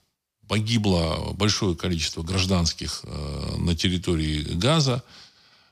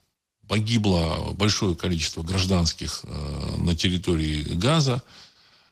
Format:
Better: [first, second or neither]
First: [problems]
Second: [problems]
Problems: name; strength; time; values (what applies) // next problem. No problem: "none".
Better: first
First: none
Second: garbled, watery; slightly; nothing above 15 kHz